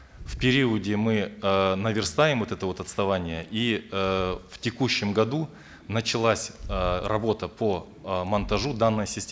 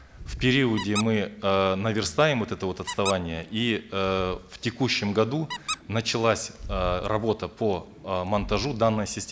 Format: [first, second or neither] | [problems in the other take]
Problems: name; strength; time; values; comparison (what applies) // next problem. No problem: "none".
first | background sound (Squeak); 14 dB below the speech